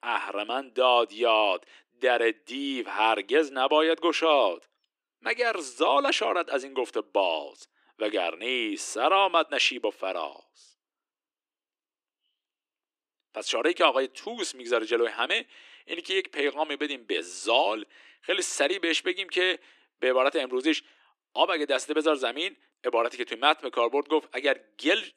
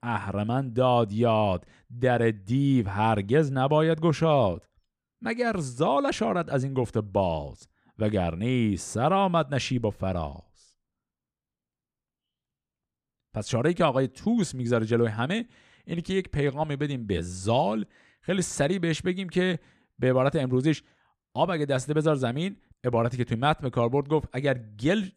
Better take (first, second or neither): second